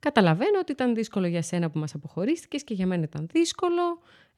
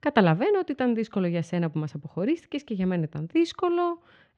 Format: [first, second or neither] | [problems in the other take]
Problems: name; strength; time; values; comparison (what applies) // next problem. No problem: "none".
first | muffled; slightly; fading above 3 kHz